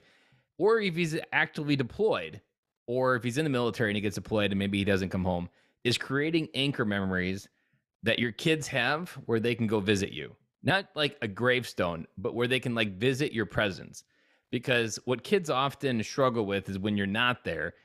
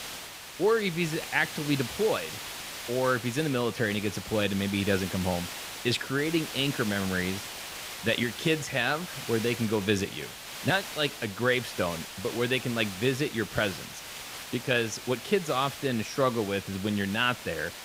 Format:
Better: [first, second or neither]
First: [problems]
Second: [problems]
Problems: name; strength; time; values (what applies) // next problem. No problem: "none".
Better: first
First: none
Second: hiss; loud; throughout; 9 dB below the speech